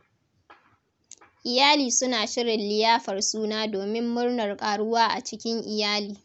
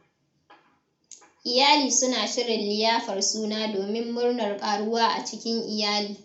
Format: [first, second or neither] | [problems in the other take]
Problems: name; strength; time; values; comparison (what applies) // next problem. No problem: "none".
first | room echo; dies away in 0.4 s